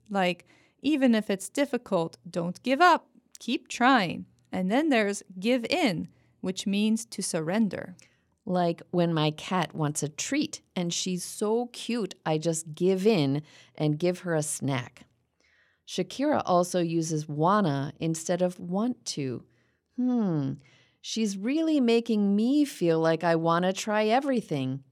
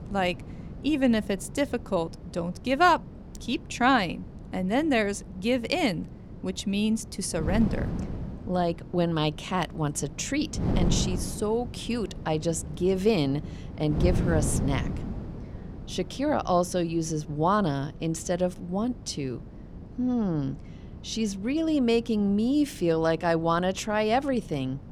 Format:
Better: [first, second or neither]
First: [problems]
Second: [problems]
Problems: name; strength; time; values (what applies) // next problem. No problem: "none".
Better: first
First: none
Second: wind noise on the microphone; occasional gusts; 15 dB below the speech